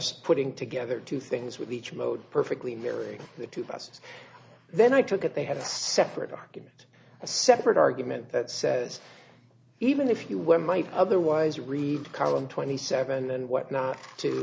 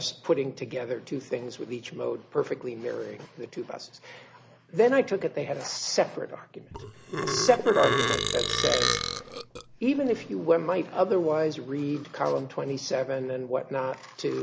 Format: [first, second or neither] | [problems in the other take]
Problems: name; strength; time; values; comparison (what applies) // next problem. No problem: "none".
first | background sound (Burping, eructation); 1 dB below the speech